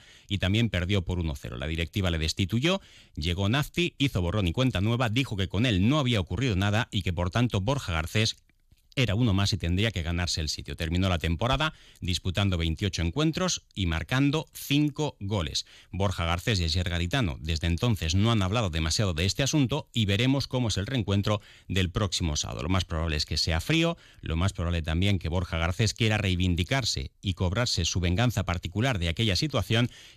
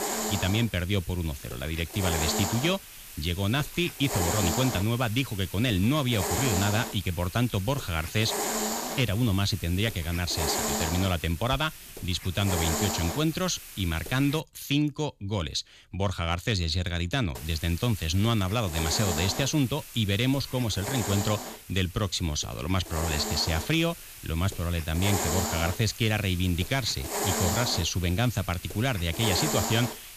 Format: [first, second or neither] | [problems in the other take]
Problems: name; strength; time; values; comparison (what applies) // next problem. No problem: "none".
first | hiss; loud; until 14 s and from 17 s on; 5 dB below the speech